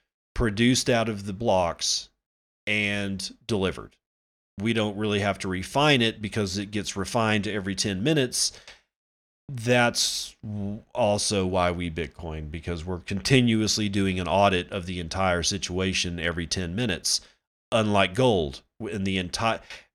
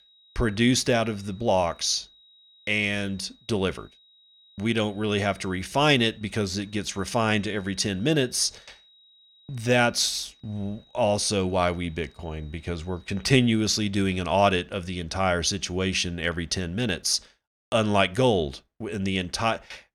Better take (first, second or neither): first